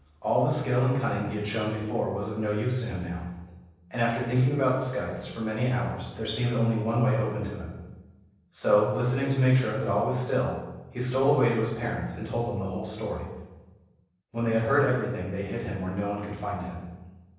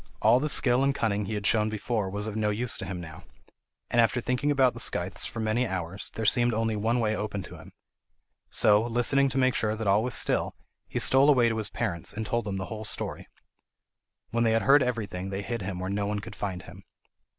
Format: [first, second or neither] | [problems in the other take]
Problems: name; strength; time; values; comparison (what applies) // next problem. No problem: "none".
second | room echo; dies away in 1.1 s